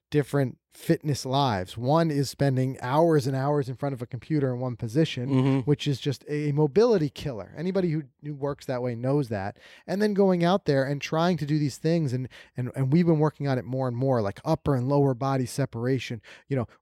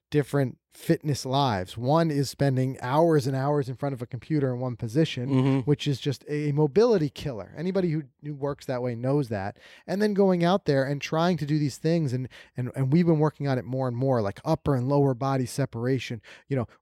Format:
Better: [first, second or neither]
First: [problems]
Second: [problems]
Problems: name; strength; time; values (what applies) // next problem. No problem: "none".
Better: neither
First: none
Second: none